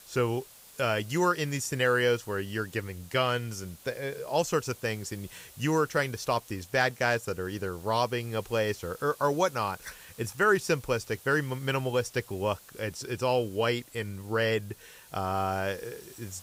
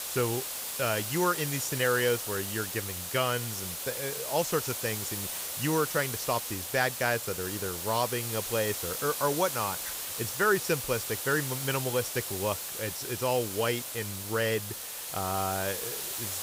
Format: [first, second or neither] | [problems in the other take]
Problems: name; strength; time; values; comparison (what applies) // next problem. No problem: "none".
first | hiss; loud; throughout; 3 dB below the speech; faint in the first